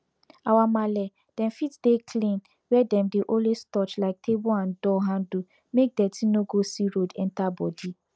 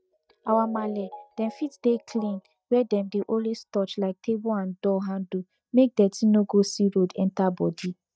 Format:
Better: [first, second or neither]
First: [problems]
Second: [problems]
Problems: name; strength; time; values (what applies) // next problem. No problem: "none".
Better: first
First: none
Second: noise reduction (neural mask model DeepFilterNet 3)